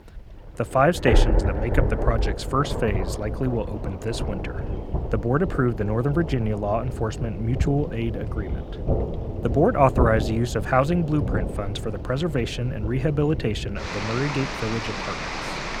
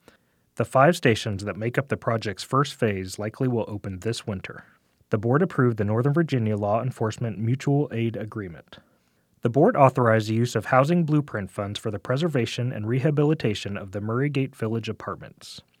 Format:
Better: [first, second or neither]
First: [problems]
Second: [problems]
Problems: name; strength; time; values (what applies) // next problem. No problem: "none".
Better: second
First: rain or running water; loud; throughout; 4 dB below the speech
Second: none